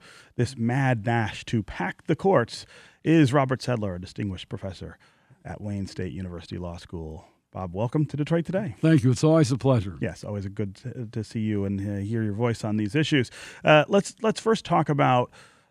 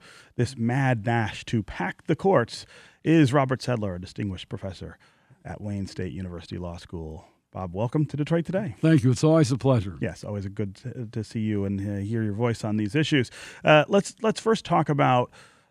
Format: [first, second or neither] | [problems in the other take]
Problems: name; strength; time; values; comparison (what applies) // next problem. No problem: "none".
neither | none